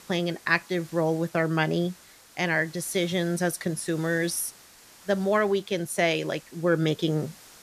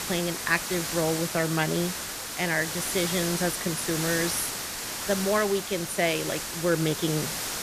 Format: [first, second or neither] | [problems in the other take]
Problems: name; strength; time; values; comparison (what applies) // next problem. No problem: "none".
first | hiss; loud; throughout; 3 dB below the speech; faint in the first